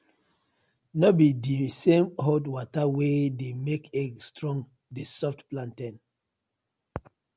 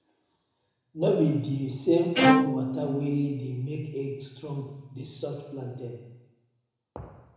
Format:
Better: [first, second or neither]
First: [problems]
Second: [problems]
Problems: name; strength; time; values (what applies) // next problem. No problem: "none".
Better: first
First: none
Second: background sound (Bowed string instrument); 2 dB above the speech // room echo; dies away in 1 s